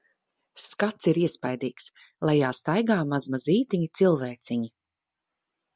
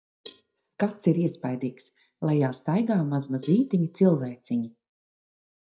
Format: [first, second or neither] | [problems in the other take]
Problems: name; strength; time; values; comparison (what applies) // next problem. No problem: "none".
first | noise reduction (neural mask model DeepFilterNet 3)